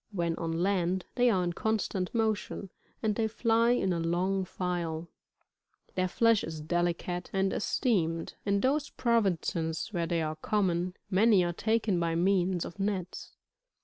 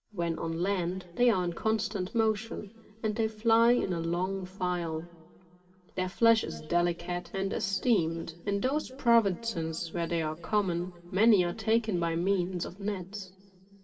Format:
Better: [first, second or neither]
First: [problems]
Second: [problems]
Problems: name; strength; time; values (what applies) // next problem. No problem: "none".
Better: first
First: none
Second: room echo; dies away in 2.5 s